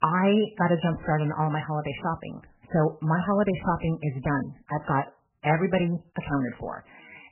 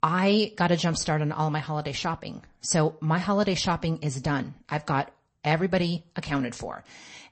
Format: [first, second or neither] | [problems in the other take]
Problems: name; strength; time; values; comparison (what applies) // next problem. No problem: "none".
second | garbled, watery; badly; nothing above 3 kHz; slightly in the second